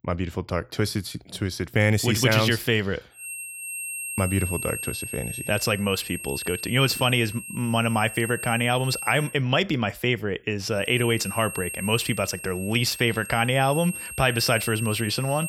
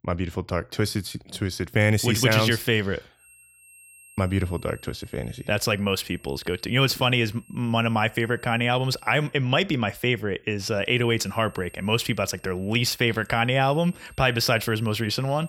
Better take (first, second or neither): second